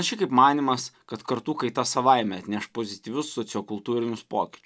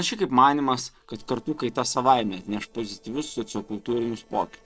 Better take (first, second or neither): first